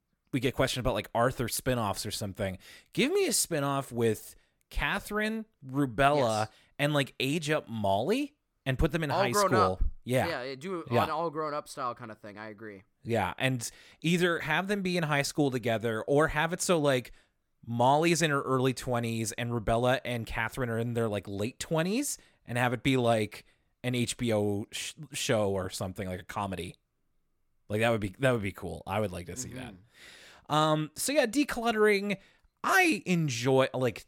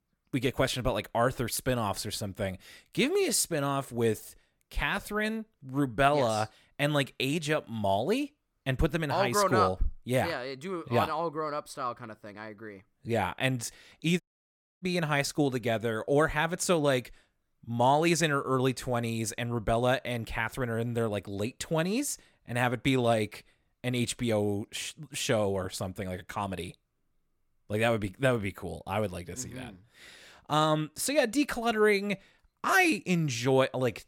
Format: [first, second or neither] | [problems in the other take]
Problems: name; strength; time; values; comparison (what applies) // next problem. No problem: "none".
first | audio cutting out; at 14 s for 0.5 s